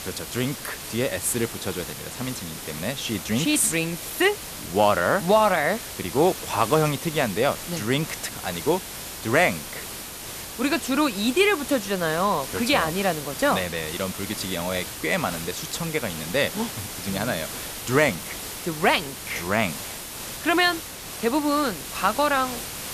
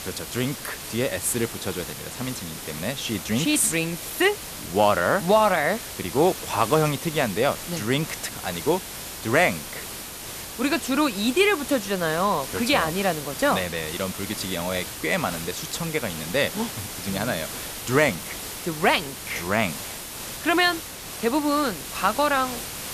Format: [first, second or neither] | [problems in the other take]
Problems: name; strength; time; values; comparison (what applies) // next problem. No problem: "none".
neither | hiss; loud; throughout; 9 dB below the speech; the same in both